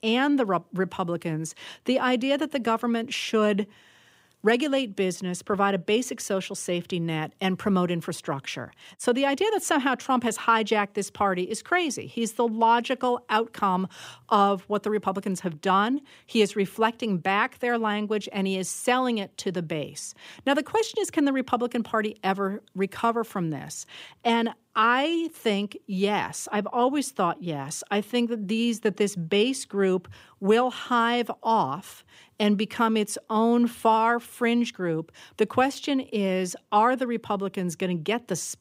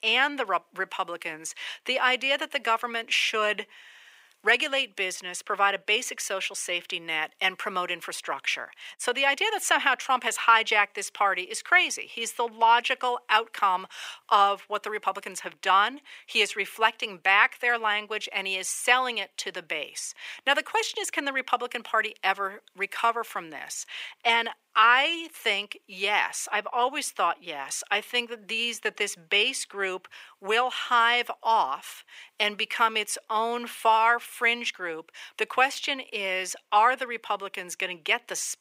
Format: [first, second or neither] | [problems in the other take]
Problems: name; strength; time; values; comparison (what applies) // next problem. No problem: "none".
first | thin; very; fading below 700 Hz